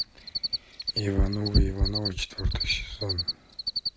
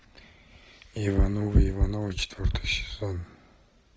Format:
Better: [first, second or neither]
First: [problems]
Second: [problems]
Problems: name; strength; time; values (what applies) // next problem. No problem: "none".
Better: second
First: background sound (Cricket); 6 dB below the speech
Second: none